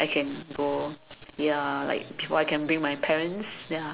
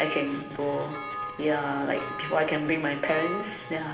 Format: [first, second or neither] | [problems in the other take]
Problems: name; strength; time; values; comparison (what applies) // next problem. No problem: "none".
first | background sound (Church bell); 10 dB below the speech // room echo; dies away in 1 s